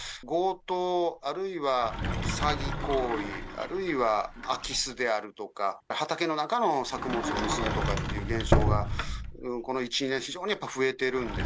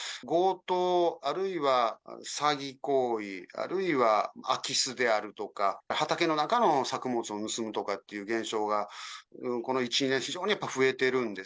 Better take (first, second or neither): second